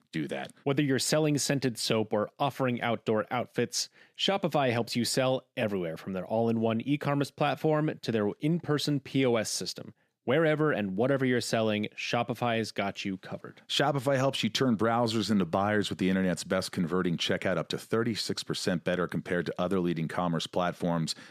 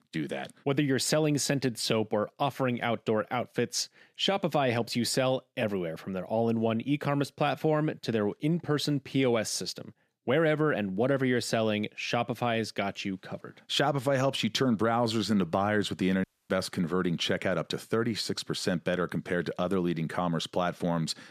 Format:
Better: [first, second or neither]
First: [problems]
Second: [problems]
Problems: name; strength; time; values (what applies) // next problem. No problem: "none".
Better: first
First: none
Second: audio cutting out; at 16 s